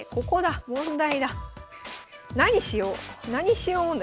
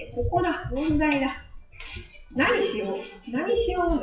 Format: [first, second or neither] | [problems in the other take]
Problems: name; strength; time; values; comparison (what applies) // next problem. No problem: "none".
first | noise reduction (classical method WPE with log-MMSE)